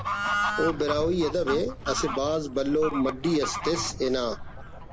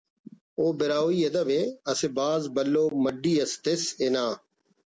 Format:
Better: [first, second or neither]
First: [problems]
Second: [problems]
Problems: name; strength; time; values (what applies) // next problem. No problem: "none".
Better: second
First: background sound (Bird / Fowl); 5 dB below the speech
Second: none